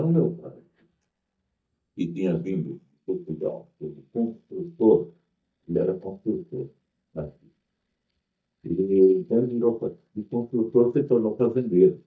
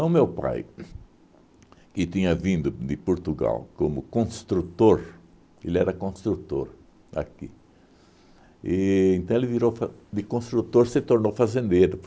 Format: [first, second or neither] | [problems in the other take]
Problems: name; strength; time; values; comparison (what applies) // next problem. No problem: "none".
second | noise reduction (neural mask model DeepFilterNet 3)